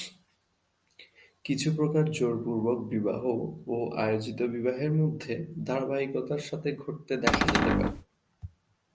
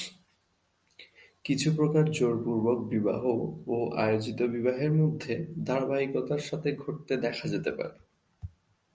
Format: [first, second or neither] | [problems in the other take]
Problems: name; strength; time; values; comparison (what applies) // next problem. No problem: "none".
second | background sound (Cupboard open or close); 5 dB above the speech